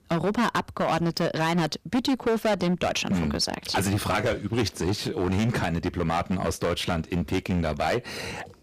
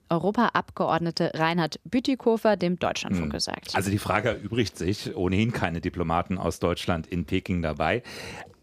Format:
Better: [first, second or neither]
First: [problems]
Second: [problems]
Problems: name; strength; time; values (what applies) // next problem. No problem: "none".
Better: second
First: distortion; heavy; 13% of the sound clipped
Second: none